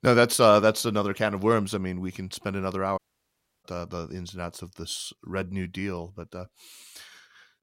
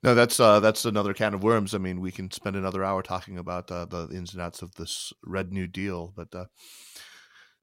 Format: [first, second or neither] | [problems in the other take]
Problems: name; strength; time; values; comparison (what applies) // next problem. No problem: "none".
second | audio cutting out; at 3 s for 0.5 s